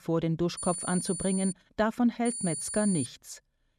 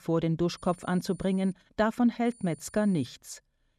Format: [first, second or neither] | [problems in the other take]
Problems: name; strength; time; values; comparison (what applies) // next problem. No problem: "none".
second | high-pitched whine; loud; at 0.5 s and at 2.5 s; 9.5 kHz, 5 dB below the speech; faint in the second